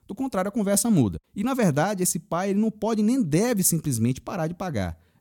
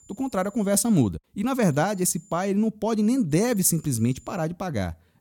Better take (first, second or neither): first